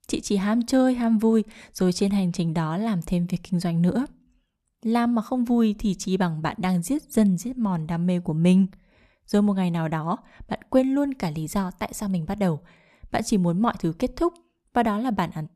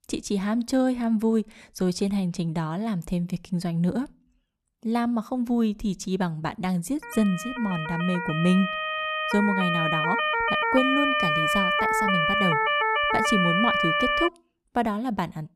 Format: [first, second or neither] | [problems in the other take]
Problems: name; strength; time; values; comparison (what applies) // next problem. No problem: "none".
first | siren; loud; from 7 to 14 s; peak 5 dB above the speech